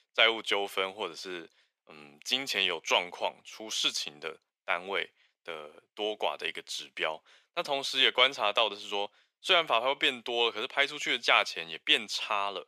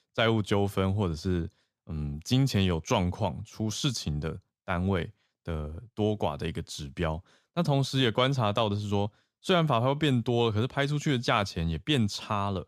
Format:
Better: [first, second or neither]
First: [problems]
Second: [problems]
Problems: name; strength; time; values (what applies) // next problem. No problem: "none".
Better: second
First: thin; very; fading below 450 Hz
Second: none